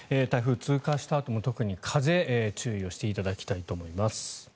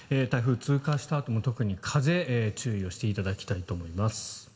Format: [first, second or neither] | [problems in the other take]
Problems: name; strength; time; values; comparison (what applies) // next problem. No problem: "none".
first | room echo; dies away in 0.7 s